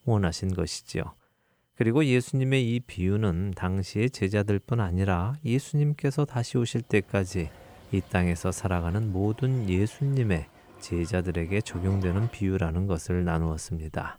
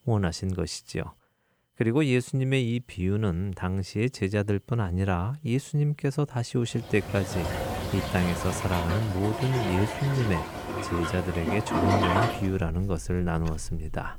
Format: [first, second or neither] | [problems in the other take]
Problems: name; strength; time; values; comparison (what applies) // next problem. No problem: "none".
first | household noises; loud; from 7 s on; 2 dB below the speech; faint in the first